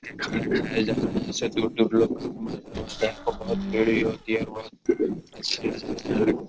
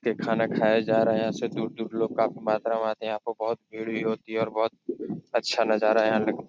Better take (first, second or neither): second